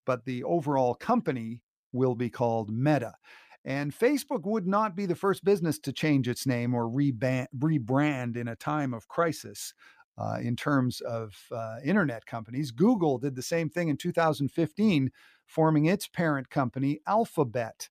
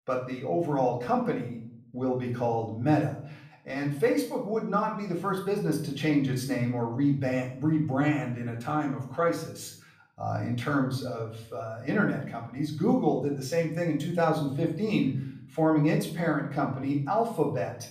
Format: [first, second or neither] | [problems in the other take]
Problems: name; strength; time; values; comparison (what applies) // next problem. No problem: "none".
first | off-mic speech; far // room echo; slight; dies away in 0.5 s